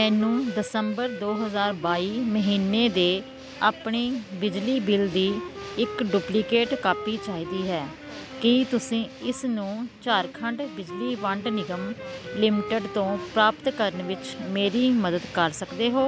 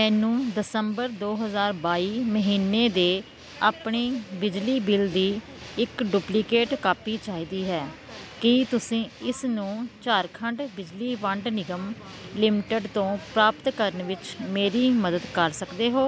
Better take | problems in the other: second | background sound (Wind instrument, woodwind instrument); 13 dB below the speech

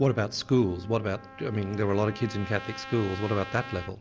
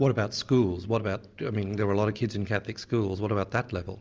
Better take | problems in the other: second | background sound (Trumpet); 15 dB below the speech

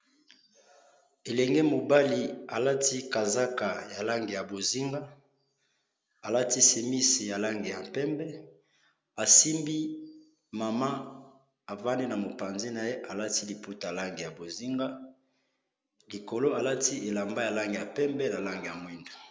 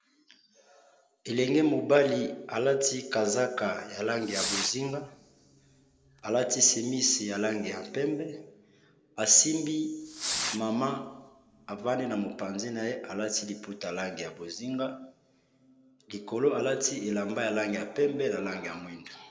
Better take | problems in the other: first | background sound (Fireworks); 9 dB below the speech // room echo; dies away in 1.8 s

